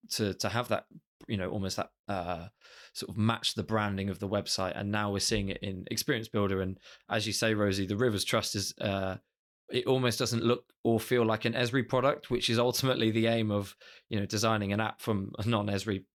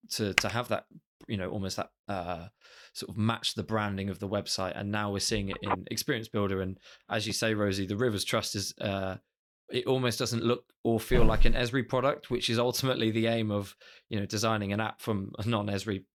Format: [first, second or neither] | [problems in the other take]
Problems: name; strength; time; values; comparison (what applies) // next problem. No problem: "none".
first | keyboard typing; very faint; at 0.5 s; peak 2 dB above the speech // phone ringing; noticeable; from 5.5 to 7.5 s; peak 4 dB below the speech // footsteps; loud; at 11 s; peak 1 dB above the speech